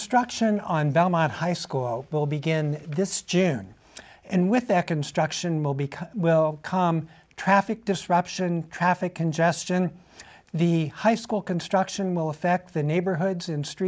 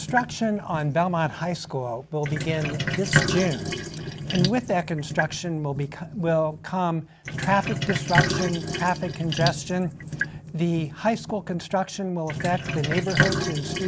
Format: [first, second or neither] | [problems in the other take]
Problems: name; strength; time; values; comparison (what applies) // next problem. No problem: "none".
first | background sound (Sink (filling or washing)); 3 dB below the speech